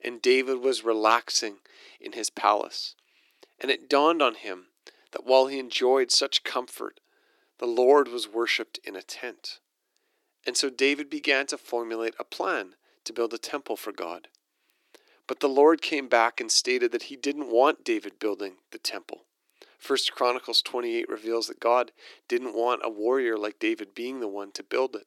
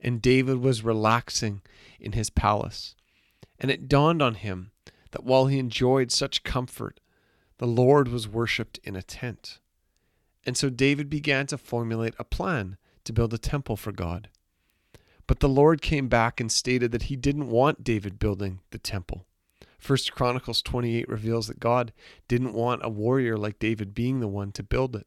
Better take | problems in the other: second | thin; somewhat; fading below 300 Hz

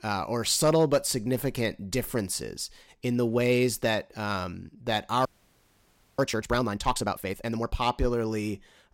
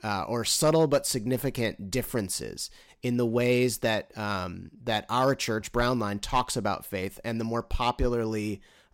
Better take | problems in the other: second | audio freezing; at 5.5 s for 1 s

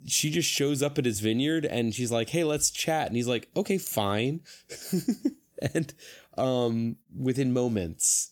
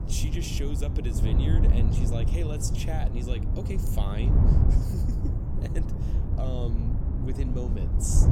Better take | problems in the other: first | wind noise on the microphone; heavy; 1 dB below the speech

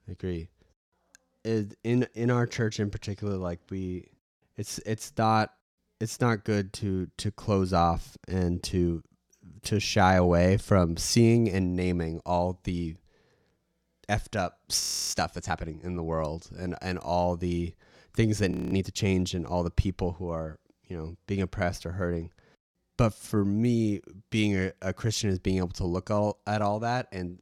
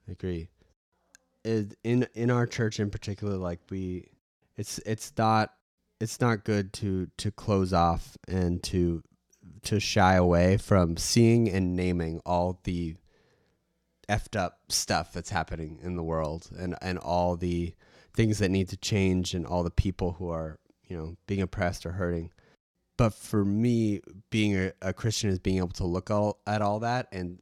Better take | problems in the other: second | audio freezing; at 15 s and at 19 s

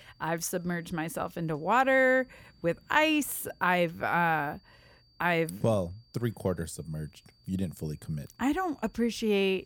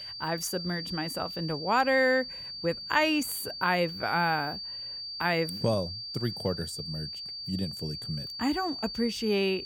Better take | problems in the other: first | high-pitched whine; loud; throughout; 4.5 kHz, 7 dB below the speech; faint in the first

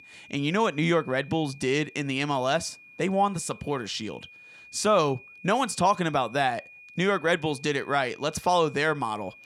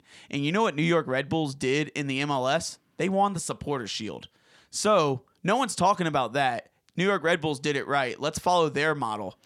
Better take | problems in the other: second | high-pitched whine; faint; throughout; 2.5 kHz, 20 dB below the speech

